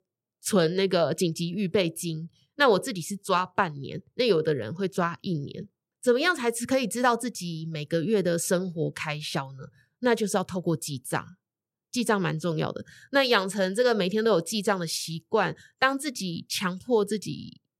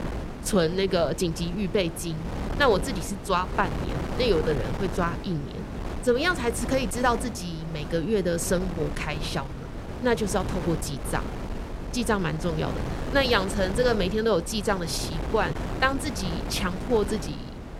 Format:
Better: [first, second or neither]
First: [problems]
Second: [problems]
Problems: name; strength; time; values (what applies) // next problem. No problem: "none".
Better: first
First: none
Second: wind noise on the microphone; occasional gusts; 10 dB below the speech